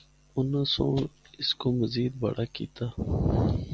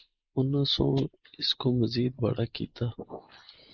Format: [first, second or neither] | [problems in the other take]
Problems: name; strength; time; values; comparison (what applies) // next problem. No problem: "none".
first | noise reduction (neural mask model Resemble Enhance denoiser)